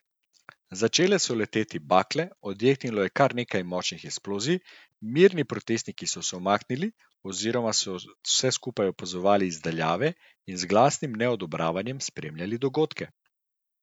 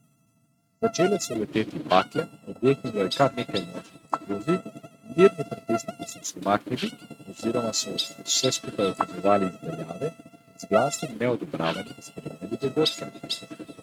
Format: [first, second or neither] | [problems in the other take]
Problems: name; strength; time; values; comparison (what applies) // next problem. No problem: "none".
first | noise reduction (neural mask model RNNoise)